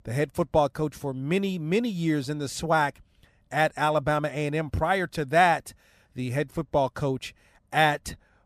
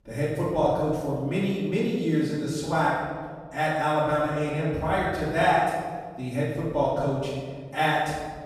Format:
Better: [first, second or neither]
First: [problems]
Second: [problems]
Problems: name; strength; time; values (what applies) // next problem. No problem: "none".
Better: first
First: none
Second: off-mic speech; far // room echo; strong; dies away in 1.5 s